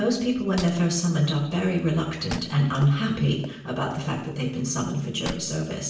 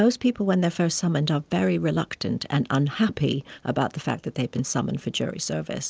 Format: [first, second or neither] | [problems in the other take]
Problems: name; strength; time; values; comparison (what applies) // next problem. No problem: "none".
second | background sound (Wood); 17 dB below the speech // room echo; dies away in 0.7 s